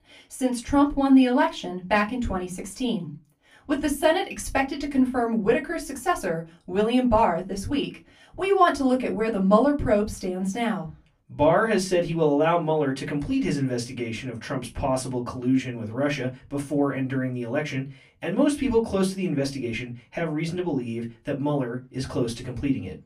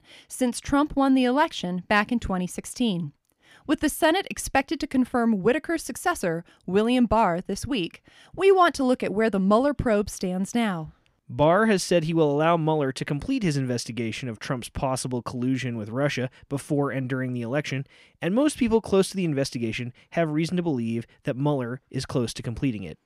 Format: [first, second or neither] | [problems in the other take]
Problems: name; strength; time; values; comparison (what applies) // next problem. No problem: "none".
second | off-mic speech; far // room echo; very slight; dies away in 0.2 s